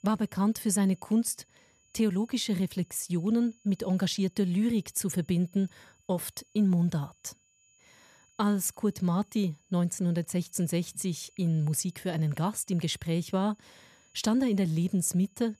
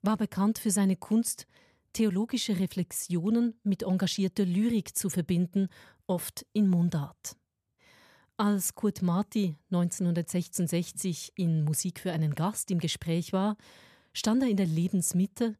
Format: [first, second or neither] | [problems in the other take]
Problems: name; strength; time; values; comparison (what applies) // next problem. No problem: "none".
second | high-pitched whine; faint; throughout; 7 kHz, 35 dB below the speech